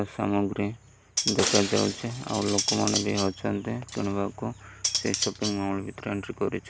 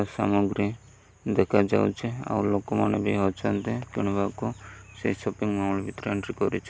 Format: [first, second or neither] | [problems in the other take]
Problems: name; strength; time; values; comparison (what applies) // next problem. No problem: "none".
second | background sound (Cutlery, silverware + Shatter); 3 dB below the speech